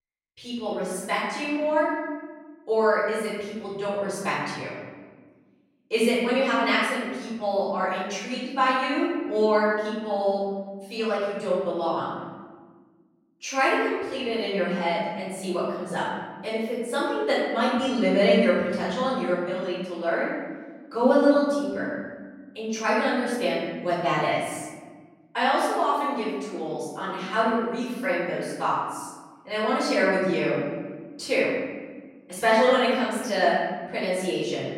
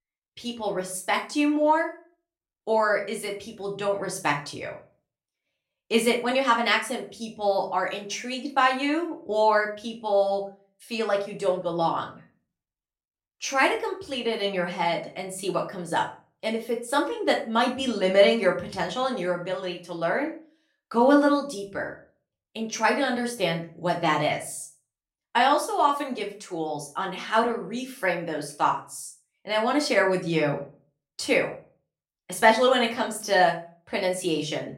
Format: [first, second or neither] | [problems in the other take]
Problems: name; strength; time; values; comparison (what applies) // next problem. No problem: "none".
second | room echo; strong; dies away in 1.4 s; slight in the second // off-mic speech; far; somewhat distant in the second